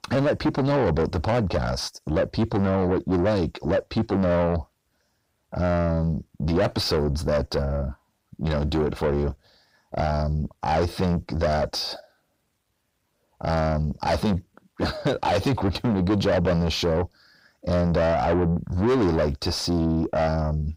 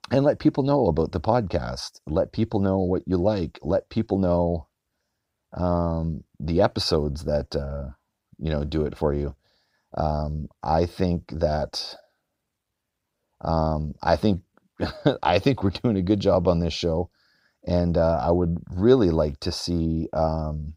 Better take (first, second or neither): second